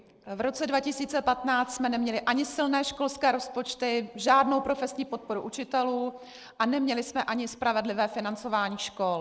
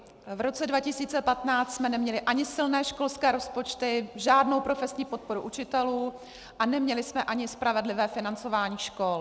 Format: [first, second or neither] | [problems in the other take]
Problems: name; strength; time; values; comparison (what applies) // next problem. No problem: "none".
second | noise reduction (neural mask model Resemble Enhance denoiser)